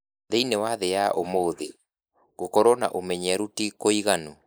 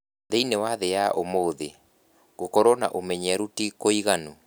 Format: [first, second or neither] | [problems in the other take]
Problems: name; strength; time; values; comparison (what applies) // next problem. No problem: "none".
second | noise reduction (neural mask model Resemble Enhance denoiser)